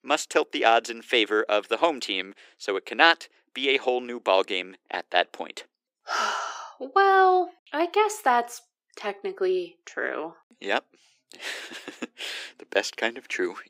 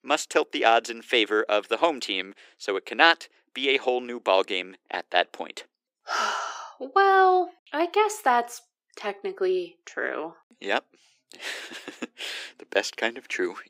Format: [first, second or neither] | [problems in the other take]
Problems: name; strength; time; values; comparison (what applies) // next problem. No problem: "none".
neither | thin; somewhat; fading below 300 Hz; the same in both